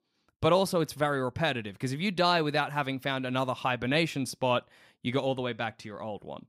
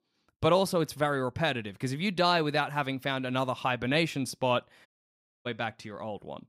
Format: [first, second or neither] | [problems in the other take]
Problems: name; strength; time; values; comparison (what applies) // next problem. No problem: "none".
first | audio cutting out; at 5 s for 0.5 s